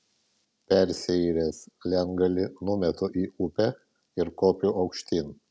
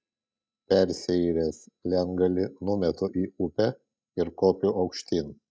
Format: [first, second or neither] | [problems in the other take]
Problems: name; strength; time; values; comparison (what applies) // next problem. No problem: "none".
first | noise reduction (neural mask model DeepFilterNet 3)